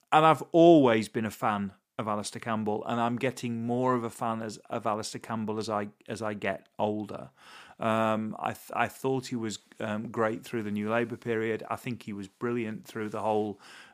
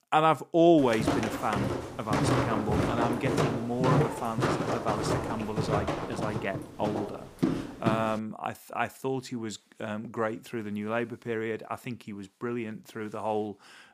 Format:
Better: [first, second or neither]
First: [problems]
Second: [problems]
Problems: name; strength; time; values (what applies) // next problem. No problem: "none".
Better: first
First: none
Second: footsteps; loud; from 1 to 8 s; peak 5 dB above the speech